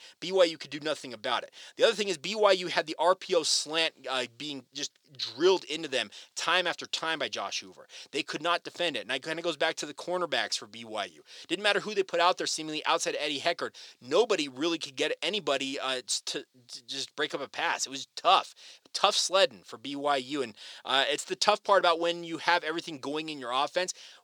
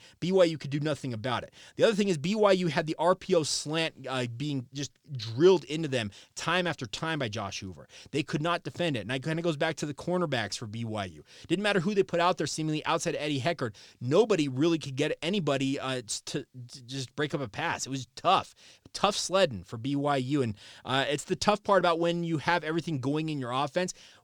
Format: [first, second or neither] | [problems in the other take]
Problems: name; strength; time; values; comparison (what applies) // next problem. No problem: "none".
second | thin; somewhat; fading below 450 Hz